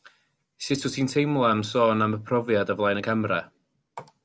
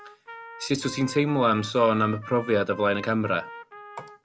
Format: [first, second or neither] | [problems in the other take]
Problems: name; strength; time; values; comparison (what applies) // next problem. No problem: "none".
first | background sound (Trumpet); 16 dB below the speech